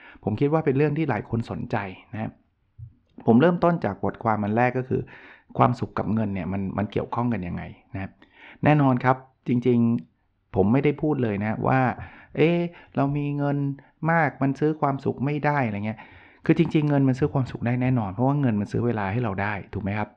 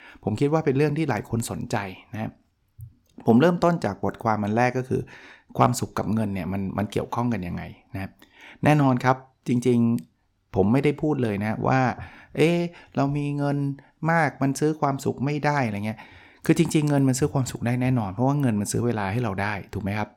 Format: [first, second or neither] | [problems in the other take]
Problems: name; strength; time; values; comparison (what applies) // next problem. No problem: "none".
second | muffled; very; fading above 3 kHz